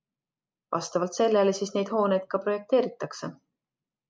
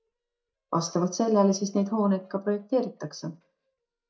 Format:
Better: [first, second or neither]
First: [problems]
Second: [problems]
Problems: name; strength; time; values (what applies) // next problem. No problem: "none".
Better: first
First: none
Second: noise reduction (neural mask model DeepFilterNet 3)